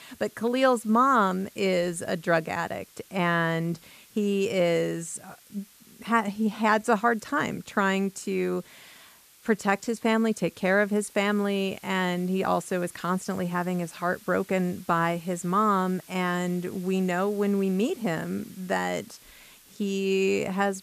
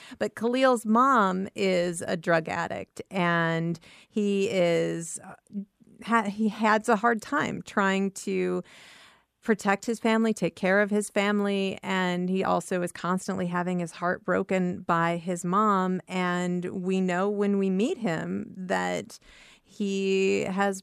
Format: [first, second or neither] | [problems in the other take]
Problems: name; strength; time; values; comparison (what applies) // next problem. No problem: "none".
second | hiss; faint; throughout; 25 dB below the speech